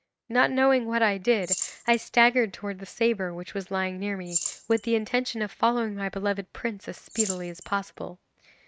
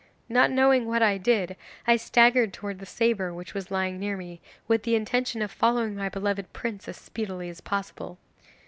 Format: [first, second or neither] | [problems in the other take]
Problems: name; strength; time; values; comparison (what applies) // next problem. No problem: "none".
second | noise reduction (neural mask model RNNoise)